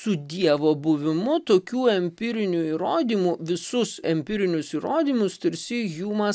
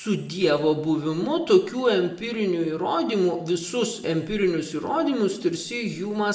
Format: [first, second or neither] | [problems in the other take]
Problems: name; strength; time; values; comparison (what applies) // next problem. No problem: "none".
first | room echo; dies away in 0.7 s